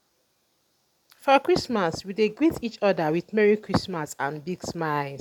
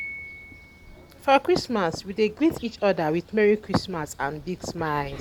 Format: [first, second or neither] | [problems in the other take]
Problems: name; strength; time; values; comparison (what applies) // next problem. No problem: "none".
first | background sound (Bird vocalization, bird call, bird song + Piano); 19 dB below the speech